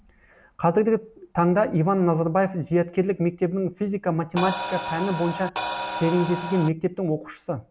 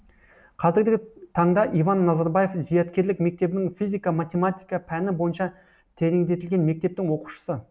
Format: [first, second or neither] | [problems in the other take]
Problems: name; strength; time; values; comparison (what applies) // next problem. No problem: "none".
second | background sound (Crash cymbal); 6 dB below the speech